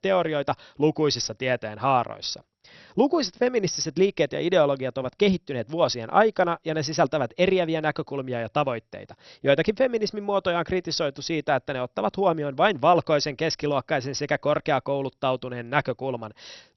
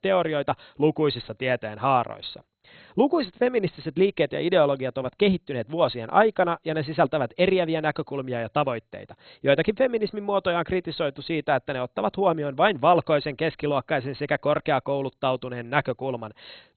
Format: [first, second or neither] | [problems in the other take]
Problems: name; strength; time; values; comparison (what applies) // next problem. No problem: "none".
first | garbled, watery; badly; nothing above 4 kHz; slightly in the first